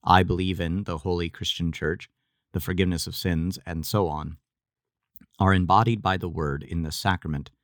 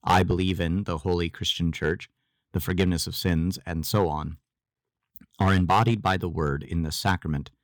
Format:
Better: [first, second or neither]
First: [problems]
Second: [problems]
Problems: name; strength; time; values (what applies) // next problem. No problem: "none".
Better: first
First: none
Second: distortion; slight; 1.7% of the sound clipped